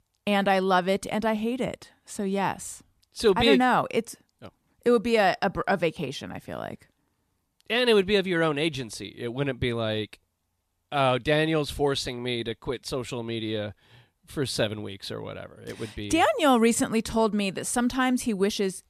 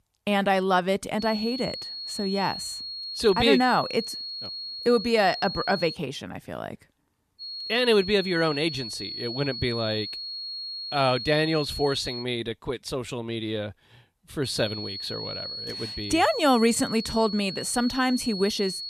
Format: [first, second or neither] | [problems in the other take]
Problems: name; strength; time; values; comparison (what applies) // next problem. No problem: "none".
first | high-pitched whine; loud; from 1 to 6 s, from 7.5 to 12 s and from 14 s on; 4.5 kHz, 8 dB below the speech